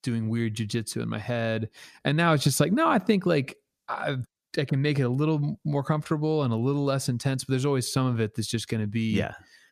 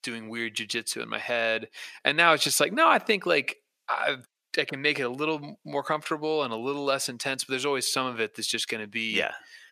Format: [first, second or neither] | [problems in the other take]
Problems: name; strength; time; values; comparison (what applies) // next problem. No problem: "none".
first | thin; very; fading below 500 Hz